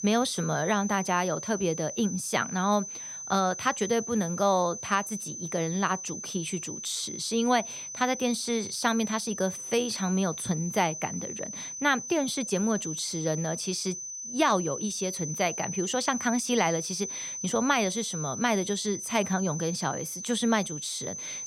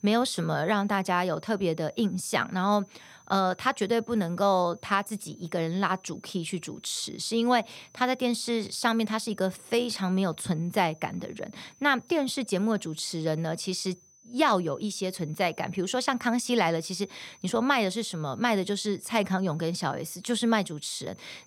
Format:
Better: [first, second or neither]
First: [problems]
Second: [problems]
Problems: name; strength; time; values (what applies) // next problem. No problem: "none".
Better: second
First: high-pitched whine; loud; throughout; 6 kHz, 7 dB below the speech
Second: high-pitched whine; faint; throughout; 6 kHz, 30 dB below the speech